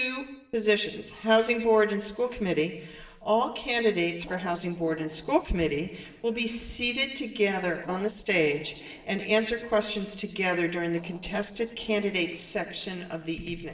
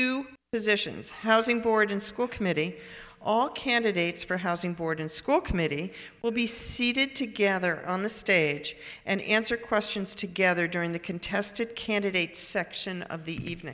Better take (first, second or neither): second